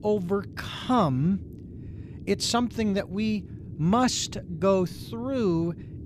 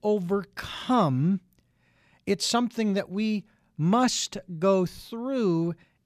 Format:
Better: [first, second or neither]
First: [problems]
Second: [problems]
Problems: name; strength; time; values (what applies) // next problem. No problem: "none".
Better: second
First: low rumble; faint; throughout; 20 dB below the speech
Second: none